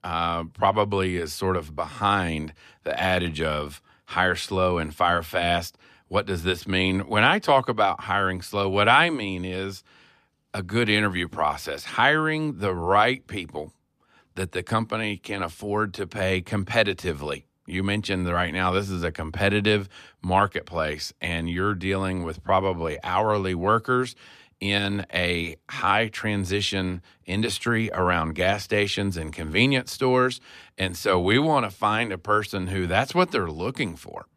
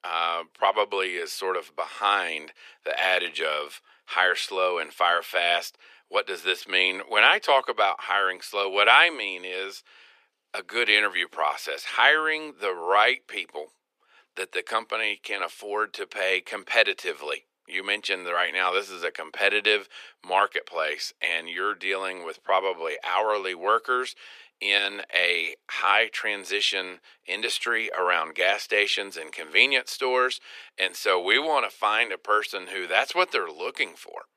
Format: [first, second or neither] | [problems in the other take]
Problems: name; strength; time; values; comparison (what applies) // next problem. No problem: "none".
first | thin; very; fading below 400 Hz